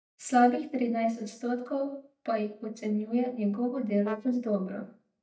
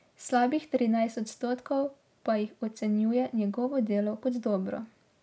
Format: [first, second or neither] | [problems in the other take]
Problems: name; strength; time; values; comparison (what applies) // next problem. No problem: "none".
second | noise reduction (neural mask model DeepFilterNet 3)